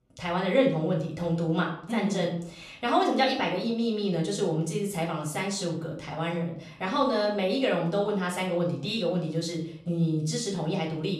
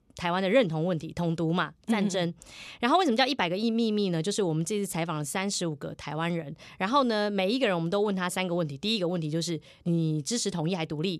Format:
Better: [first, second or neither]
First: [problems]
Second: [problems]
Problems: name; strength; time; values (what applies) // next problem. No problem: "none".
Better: second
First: room echo; slight; dies away in 0.5 s // off-mic speech; far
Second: none